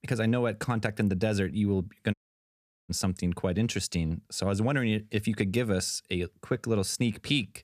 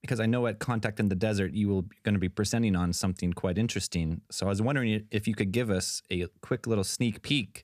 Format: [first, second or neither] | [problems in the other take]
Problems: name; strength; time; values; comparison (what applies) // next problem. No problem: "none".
second | audio cutting out; at 2 s for 0.5 s